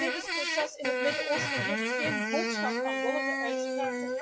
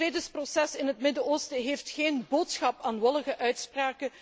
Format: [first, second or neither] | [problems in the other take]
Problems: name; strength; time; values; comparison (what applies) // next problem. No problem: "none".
second | noise reduction (classical method WPE with log-MMSE)